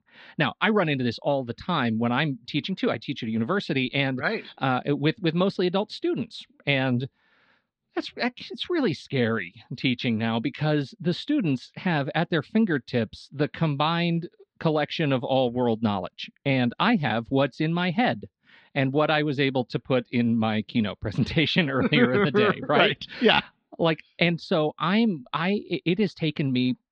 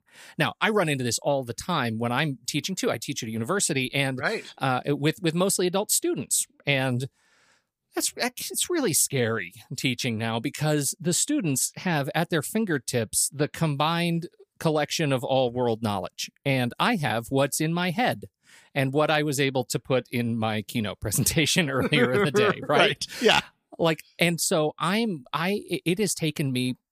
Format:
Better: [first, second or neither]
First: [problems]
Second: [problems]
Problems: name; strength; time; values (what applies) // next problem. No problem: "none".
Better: second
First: muffled; slightly; fading above 4 kHz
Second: none